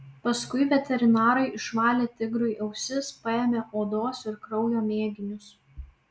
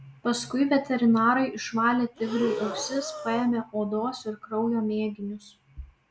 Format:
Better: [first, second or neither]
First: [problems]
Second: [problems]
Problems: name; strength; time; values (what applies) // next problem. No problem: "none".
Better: first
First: none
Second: background sound (Breathing); 9 dB below the speech